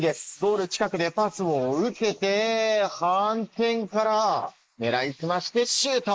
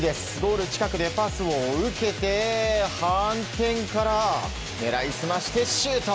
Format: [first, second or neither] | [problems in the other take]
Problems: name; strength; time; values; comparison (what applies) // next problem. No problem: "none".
second | noise reduction (neural mask model Resemble Enhance denoiser)